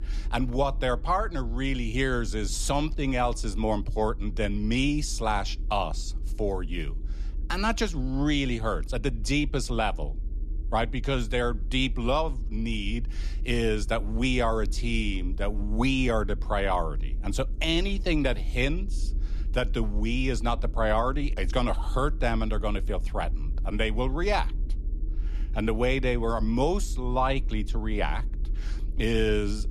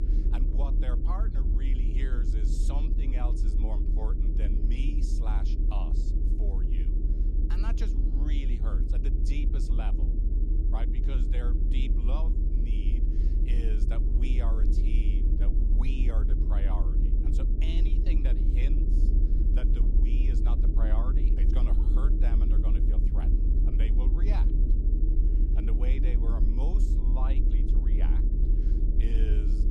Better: first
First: low rumble; faint; throughout; 25 dB below the speech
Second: low rumble; loud; throughout; as loud as the speech

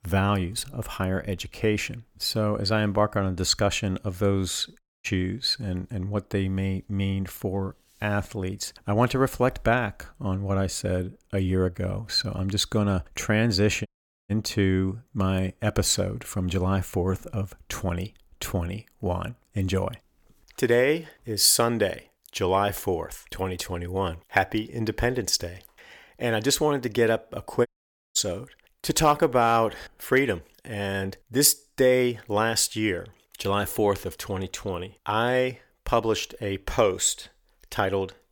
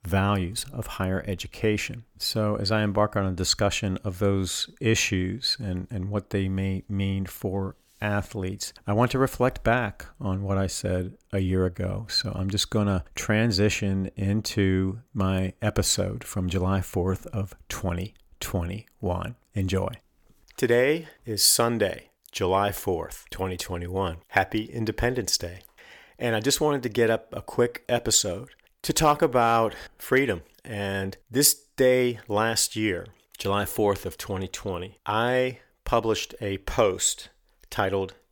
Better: second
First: audio cutting out; at 5 s, at 14 s and at 28 s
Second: none

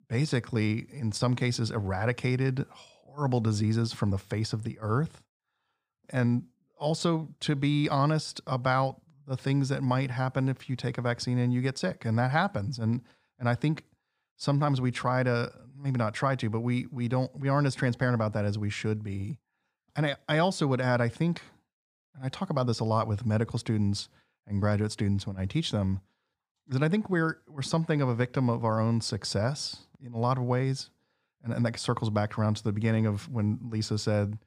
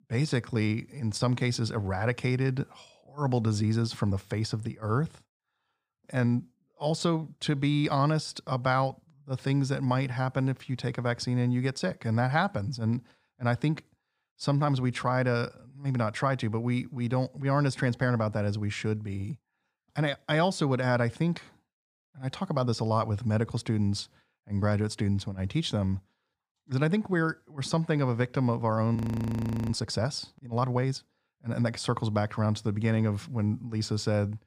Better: first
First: none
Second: audio freezing; at 29 s for 0.5 s

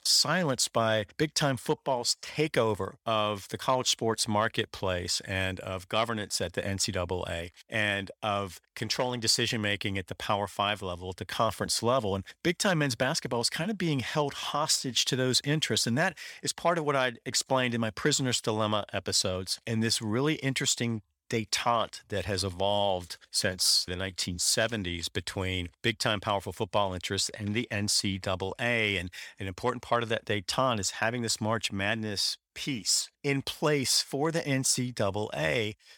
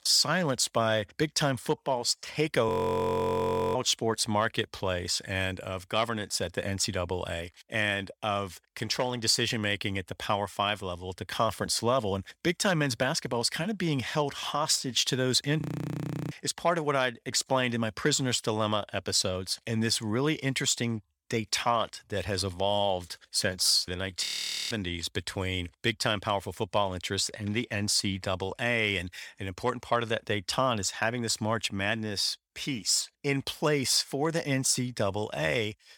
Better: first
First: none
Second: audio freezing; at 2.5 s for 1 s, at 16 s for 0.5 s and at 24 s

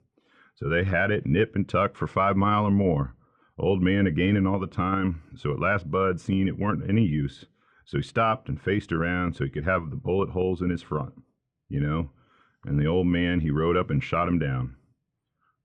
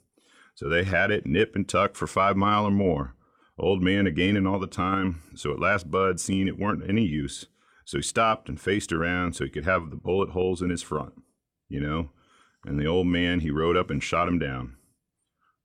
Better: second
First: muffled; slightly; fading above 2.5 kHz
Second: none

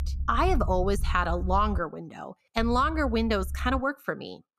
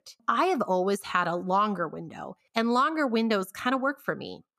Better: second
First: low rumble; faint; until 2 s and from 2.5 to 4 s; 25 dB below the speech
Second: none

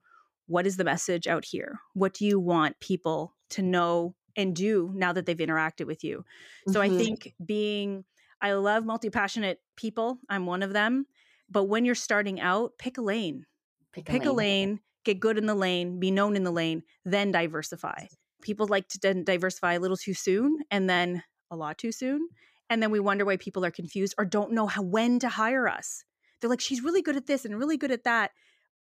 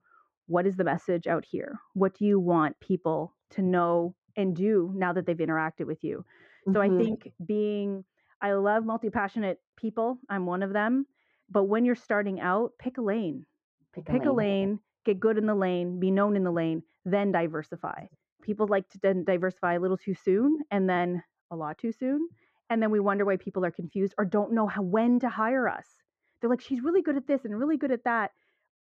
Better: first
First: none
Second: muffled; very; fading above 3.5 kHz

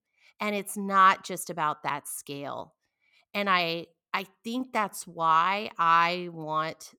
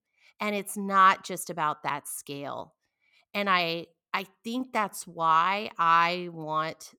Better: neither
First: none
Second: none

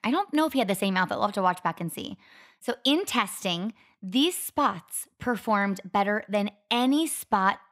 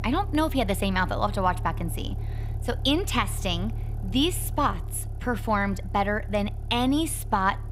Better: first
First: none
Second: traffic noise; loud; throughout; 7 dB below the speech

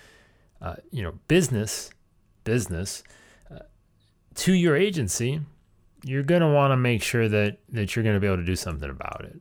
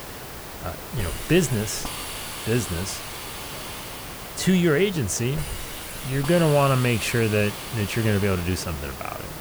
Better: first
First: none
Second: hiss; loud; throughout; 9 dB below the speech

